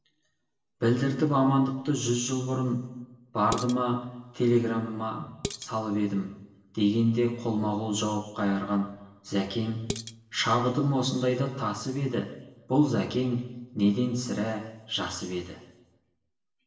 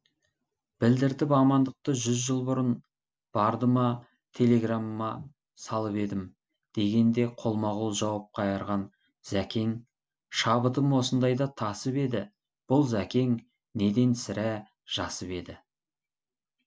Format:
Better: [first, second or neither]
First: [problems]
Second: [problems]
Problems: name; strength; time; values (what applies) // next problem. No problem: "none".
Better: second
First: background sound (Dishes, pots, and pans); 11 dB below the speech // room echo; dies away in 1.1 s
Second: none